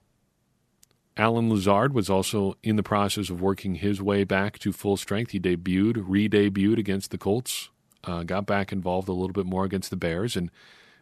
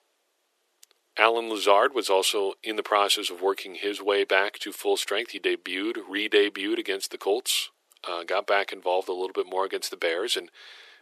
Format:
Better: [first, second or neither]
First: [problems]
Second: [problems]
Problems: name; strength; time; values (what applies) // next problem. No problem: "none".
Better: first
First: none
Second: thin; very; fading below 350 Hz